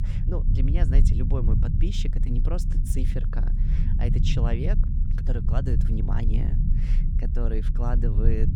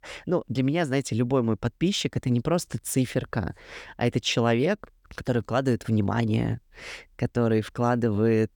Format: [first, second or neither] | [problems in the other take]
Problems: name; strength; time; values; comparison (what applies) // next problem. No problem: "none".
second | low rumble; loud; throughout; 3 dB below the speech